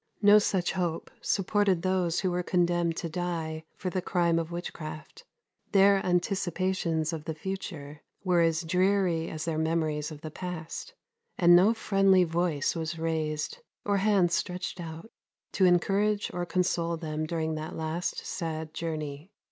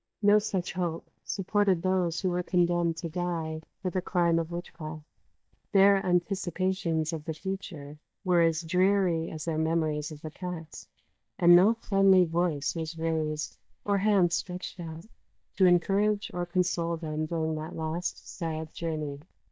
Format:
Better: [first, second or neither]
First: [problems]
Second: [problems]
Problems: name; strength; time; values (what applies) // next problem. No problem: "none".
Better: first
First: none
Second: noise reduction (neural mask model DeepFilterNet 3)